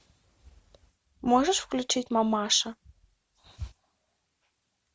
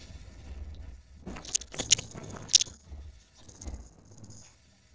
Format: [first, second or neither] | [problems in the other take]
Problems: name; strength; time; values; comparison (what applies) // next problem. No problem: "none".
first | noise reduction (neural separator model SepFormer DNS4)